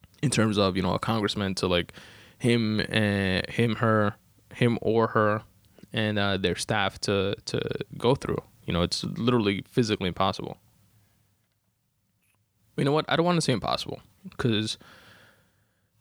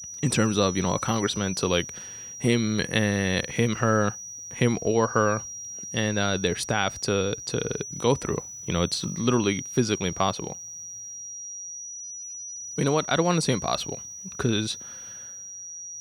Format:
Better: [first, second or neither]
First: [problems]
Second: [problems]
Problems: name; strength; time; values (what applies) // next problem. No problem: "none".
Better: first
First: none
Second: high-pitched whine; loud; throughout; 5.5 kHz, 10 dB below the speech